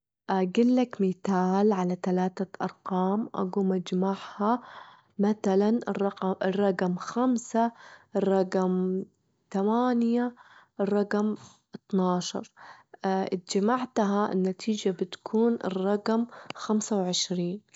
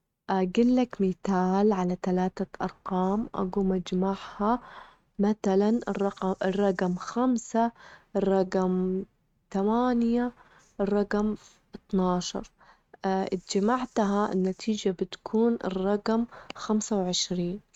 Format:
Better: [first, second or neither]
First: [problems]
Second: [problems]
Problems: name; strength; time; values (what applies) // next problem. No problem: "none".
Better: first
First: none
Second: noise reduction (neural mask model RNNoise)